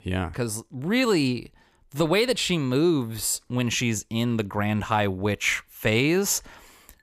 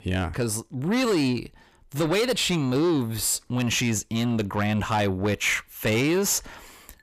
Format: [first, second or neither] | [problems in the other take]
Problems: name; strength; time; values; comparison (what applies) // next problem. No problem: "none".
first | distortion; slight; 10 dB below the speech